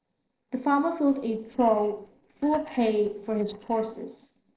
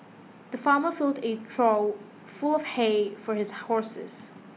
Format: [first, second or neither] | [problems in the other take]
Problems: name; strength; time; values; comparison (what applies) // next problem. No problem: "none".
second | noise reduction (neural separator model SepFormer DNS4)